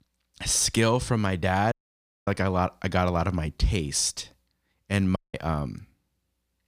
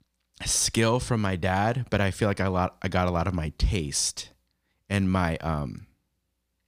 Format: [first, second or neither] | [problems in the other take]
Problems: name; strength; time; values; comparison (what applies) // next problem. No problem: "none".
second | audio cutting out; at 1.5 s for 0.5 s and at 5 s